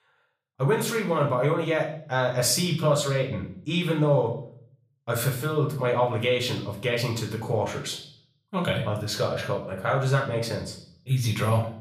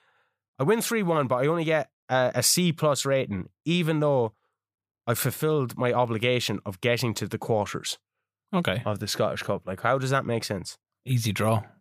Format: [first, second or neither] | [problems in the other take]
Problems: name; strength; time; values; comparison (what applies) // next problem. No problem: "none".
second | room echo; slight; dies away in 0.5 s // off-mic speech; far